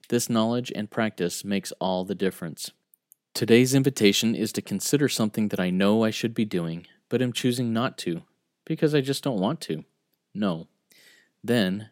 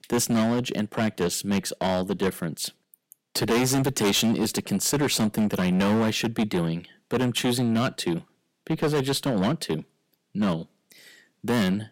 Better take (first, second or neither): first